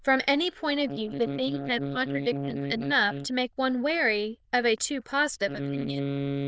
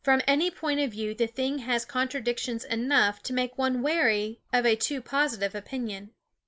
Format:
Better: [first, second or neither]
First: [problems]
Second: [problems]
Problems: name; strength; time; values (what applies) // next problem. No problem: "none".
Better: second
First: noise reduction (neural diffusion model UNIVERSE++)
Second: none